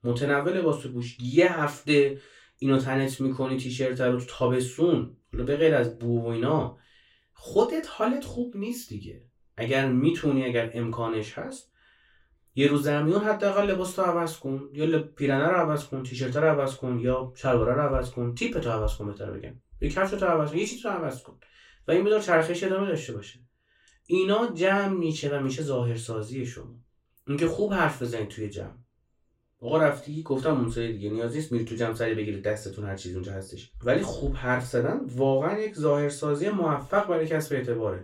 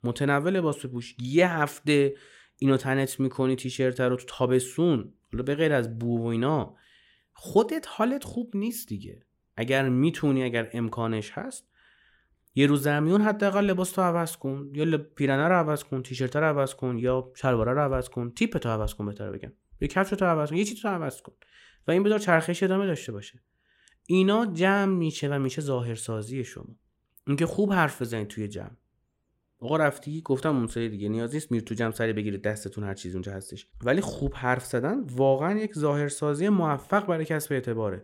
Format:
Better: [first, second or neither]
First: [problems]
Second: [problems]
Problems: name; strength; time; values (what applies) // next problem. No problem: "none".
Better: second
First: room echo; slight; dies away in 0.2 s // off-mic speech; far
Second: none